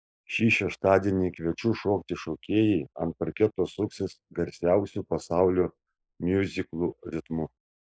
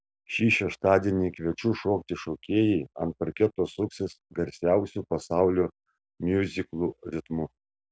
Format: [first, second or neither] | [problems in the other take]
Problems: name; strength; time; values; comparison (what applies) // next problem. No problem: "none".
second | noise reduction (neural mask model Resemble Enhance denoiser)